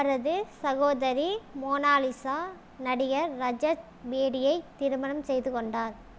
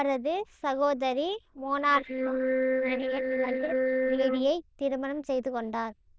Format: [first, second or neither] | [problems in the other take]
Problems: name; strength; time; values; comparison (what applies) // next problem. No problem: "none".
first | noise reduction (neural diffusion model UNIVERSE++)